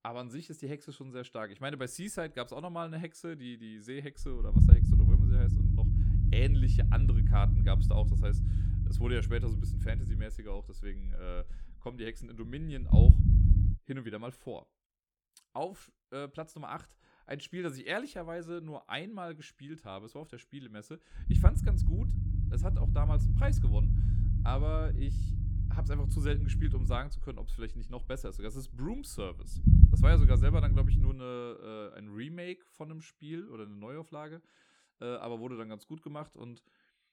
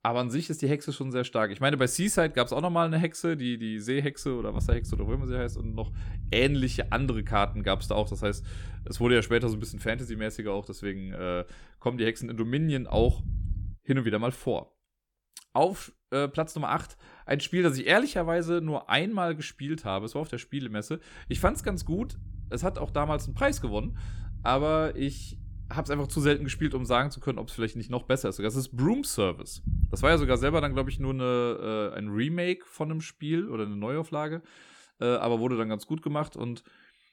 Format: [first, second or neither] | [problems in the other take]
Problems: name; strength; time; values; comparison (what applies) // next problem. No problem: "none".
second | low rumble; loud; from 4 to 14 s and from 21 to 31 s; 1 dB below the speech; faint in the second